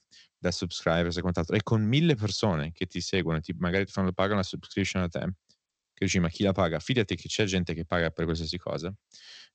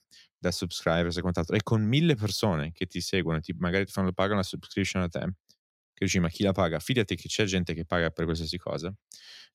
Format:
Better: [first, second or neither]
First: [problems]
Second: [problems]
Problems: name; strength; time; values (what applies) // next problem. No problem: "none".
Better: second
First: garbled, watery; slightly; nothing above 7.5 kHz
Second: none